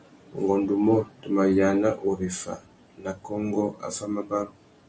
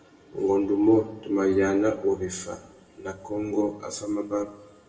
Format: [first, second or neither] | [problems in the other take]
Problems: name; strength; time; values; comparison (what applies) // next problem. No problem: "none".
first | room echo; dies away in 1 s